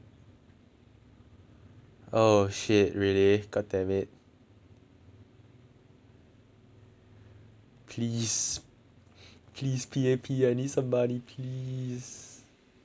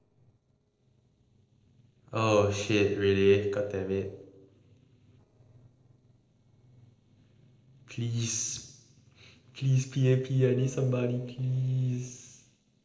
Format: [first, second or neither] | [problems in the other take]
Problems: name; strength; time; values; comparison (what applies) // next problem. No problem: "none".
first | noise reduction (neural separator model SepFormer DNS4)